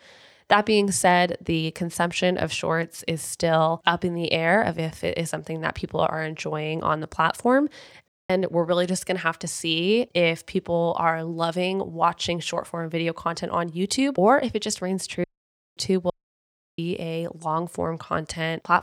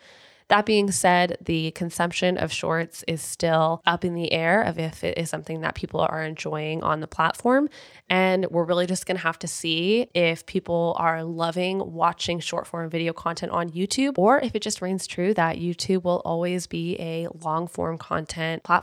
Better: second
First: audio cutting out; at 8 s, at 15 s for 0.5 s and at 16 s for 0.5 s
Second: none

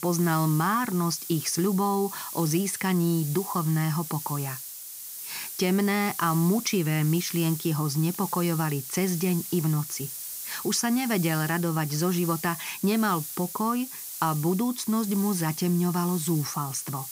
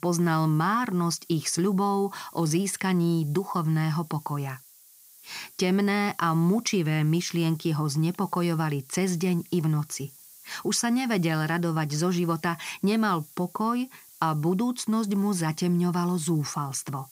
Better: second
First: hiss; loud; throughout; 8 dB below the speech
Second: hiss; faint; throughout; 25 dB below the speech

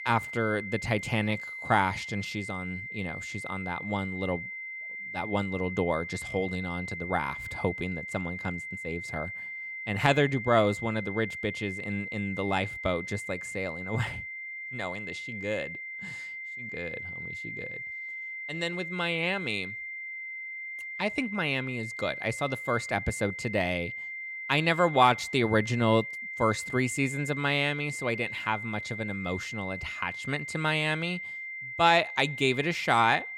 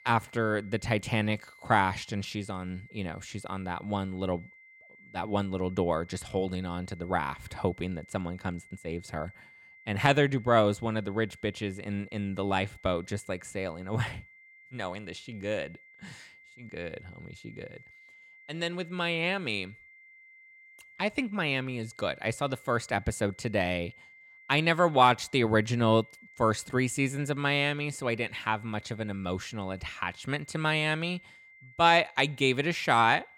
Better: second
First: high-pitched whine; loud; throughout; 2 kHz, 7 dB below the speech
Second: high-pitched whine; faint; throughout; 2 kHz, 25 dB below the speech

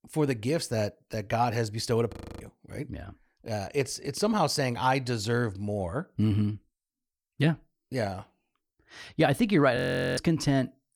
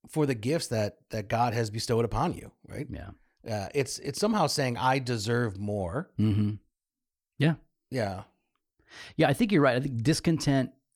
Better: second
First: audio freezing; at 2 s and at 10 s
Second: none

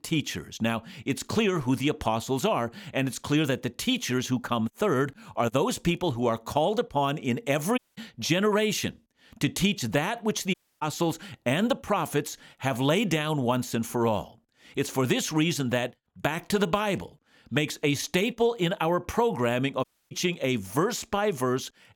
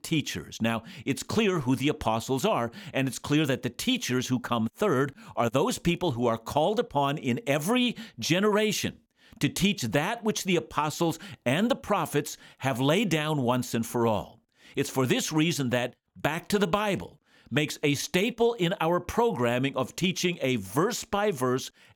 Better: second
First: audio cutting out; at 8 s, at 11 s and at 20 s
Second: none

